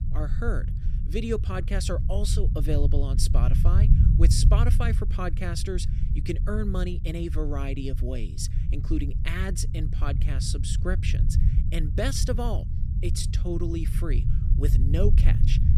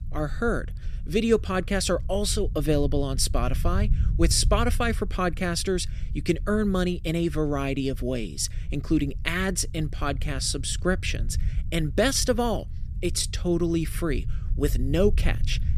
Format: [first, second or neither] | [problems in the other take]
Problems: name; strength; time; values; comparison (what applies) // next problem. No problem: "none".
second | low rumble; loud; throughout; 7 dB below the speech; faint in the second